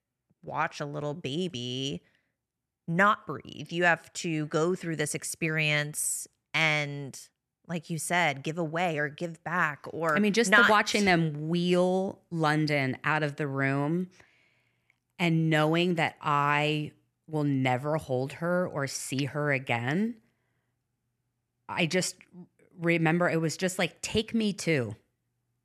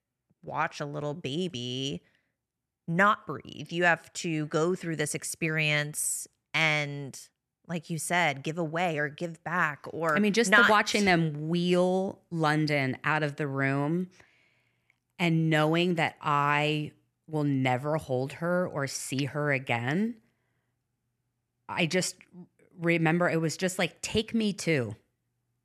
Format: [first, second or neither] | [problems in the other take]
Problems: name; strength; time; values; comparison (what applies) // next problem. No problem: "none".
neither | none